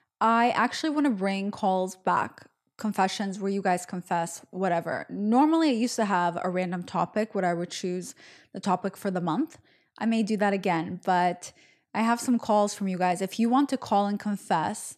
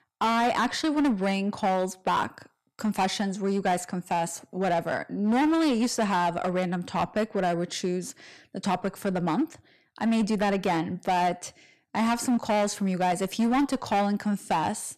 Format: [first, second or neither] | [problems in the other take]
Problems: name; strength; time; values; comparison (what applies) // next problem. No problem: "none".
first | distortion; slight; 10% of the sound clipped